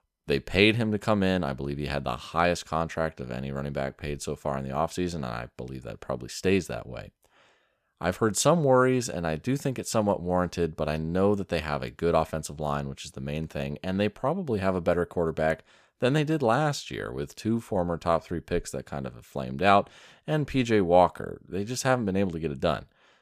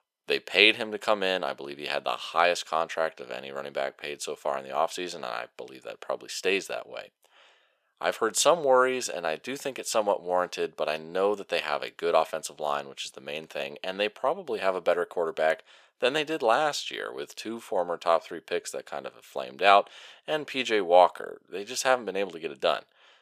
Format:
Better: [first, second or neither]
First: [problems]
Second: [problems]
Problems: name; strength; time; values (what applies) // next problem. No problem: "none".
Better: first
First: none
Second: thin; very; fading below 550 Hz